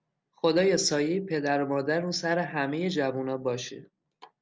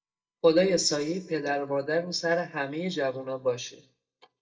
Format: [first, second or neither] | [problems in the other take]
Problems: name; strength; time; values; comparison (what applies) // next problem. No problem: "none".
first | noise reduction (neural mask model DeepFilterNet 3)